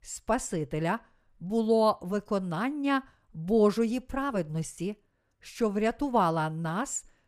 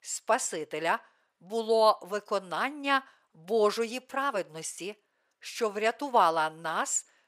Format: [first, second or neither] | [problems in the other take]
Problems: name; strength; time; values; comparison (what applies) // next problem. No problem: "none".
first | thin; somewhat; fading below 500 Hz